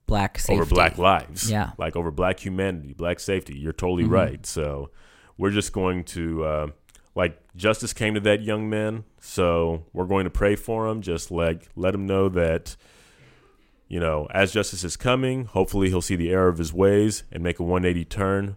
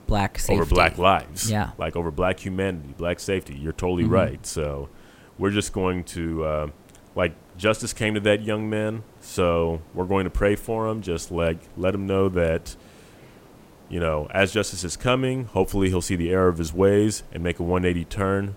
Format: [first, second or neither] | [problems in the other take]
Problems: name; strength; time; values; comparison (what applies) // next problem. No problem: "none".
first | hiss; faint; throughout; 25 dB below the speech